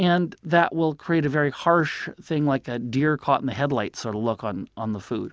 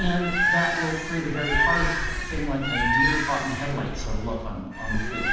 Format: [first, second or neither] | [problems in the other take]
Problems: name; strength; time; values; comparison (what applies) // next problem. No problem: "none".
first | background sound (Bird); 3 dB above the speech // room echo; dies away in 1.1 s